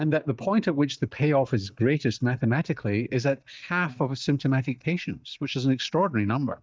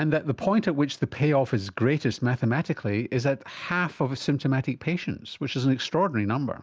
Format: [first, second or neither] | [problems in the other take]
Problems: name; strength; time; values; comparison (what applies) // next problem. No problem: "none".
second | noise reduction (neural mask model DeepFilterNet 3)